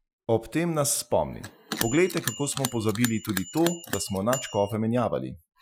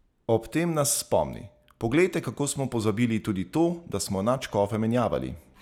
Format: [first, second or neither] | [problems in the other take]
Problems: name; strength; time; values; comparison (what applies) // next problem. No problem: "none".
second | noise reduction (classical method Wiener filter)